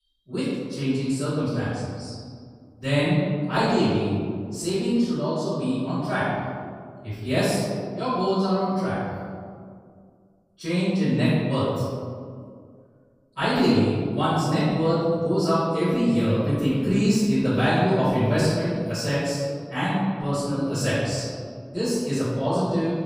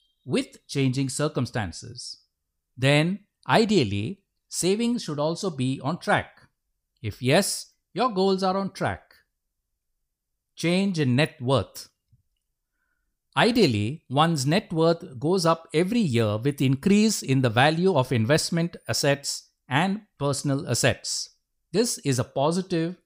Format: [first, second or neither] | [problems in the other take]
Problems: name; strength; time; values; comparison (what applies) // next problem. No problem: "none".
second | off-mic speech; far // room echo; strong; dies away in 2 s